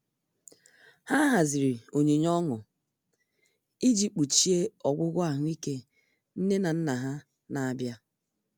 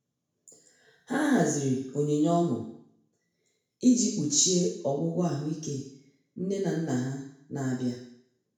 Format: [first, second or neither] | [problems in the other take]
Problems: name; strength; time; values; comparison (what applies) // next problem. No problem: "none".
first | room echo; dies away in 0.6 s